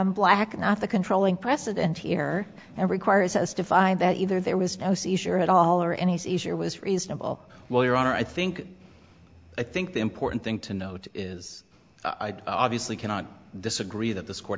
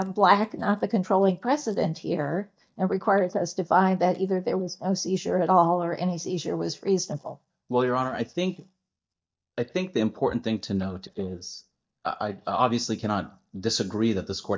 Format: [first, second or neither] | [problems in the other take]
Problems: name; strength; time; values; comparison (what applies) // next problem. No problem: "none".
first | noise reduction (neural mask model DeepFilterNet 3)